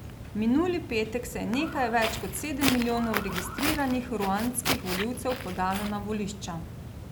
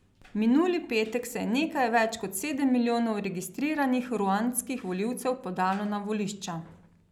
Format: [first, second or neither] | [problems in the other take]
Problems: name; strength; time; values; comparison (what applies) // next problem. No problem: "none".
second | background sound (Walk, footsteps); 5 dB below the speech